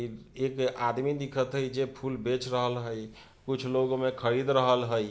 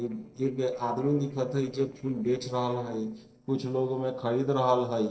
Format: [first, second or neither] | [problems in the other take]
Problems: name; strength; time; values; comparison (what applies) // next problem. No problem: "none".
first | noise reduction (neural separator model SepFormer DNS4)